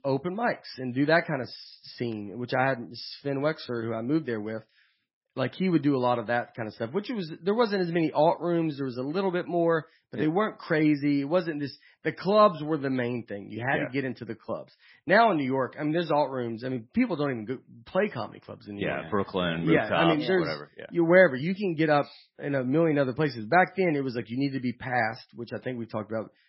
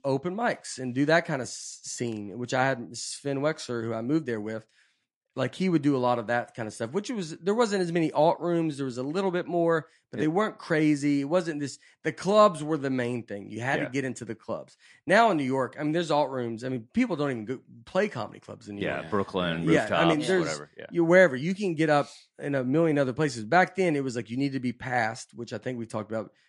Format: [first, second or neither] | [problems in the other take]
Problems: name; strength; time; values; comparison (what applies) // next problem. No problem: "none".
second | garbled, watery; badly; nothing above 5.5 kHz; slightly in the second